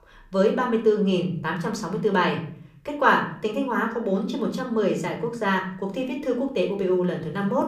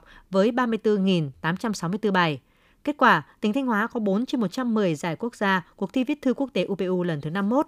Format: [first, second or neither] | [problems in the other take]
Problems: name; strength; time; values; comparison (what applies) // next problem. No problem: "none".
second | room echo; slight; dies away in 0.5 s // off-mic speech; somewhat distant